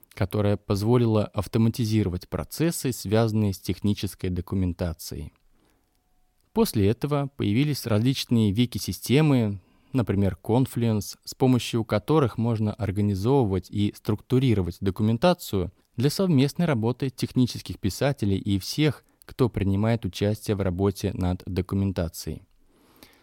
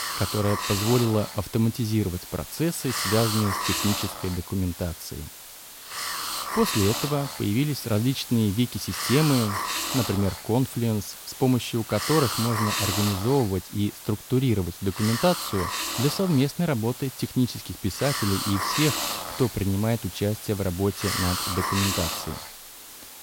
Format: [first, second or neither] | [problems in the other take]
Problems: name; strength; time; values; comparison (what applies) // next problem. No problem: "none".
first | hiss; loud; throughout; 4 dB below the speech